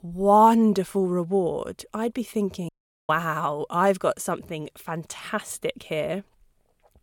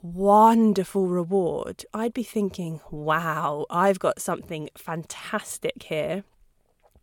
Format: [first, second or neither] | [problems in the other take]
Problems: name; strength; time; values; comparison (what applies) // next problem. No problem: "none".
second | audio cutting out; at 2.5 s